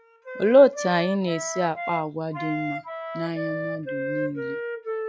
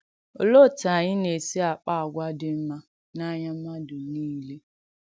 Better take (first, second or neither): second